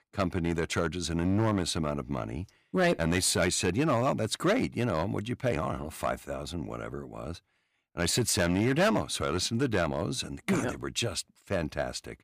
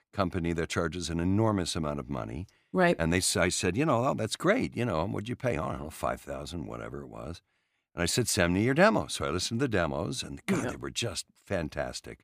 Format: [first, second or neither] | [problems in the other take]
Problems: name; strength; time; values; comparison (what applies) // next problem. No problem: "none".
second | distortion; slight; 4% of the sound clipped